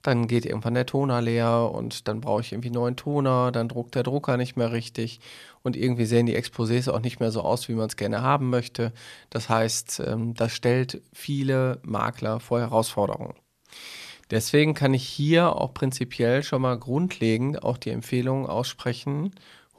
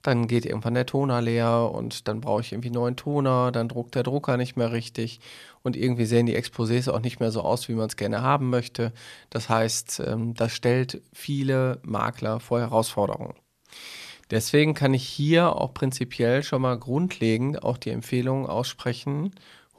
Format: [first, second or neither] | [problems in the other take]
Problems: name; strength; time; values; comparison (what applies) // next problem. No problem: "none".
neither | none